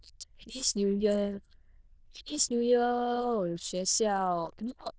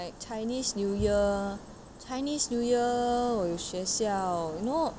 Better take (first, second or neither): second